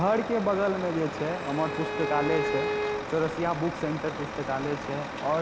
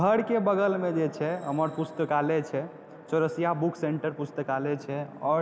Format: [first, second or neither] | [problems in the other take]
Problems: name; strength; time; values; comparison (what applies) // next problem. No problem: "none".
second | background sound (Bowed string instrument + Truck); 4 dB below the speech